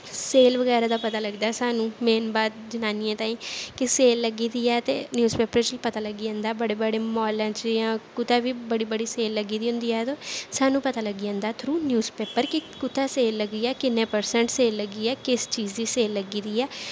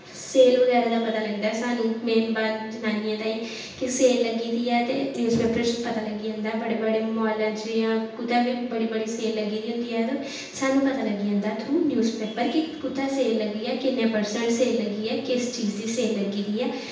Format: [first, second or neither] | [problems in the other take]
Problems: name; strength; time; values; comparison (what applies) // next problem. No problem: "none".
first | room echo; dies away in 0.9 s